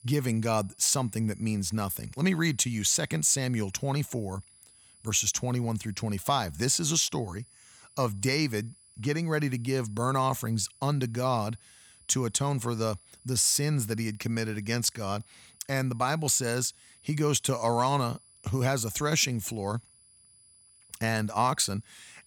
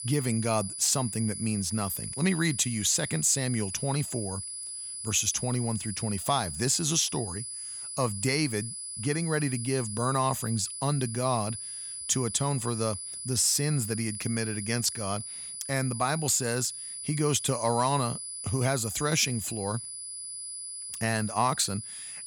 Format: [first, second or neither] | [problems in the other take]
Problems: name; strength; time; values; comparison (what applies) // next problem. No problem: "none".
first | high-pitched whine; loud; throughout; 10 kHz, 7 dB below the speech; faint in the first